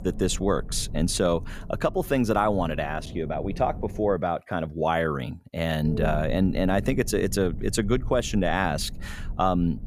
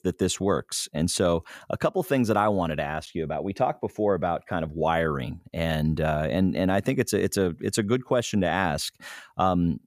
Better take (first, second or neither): second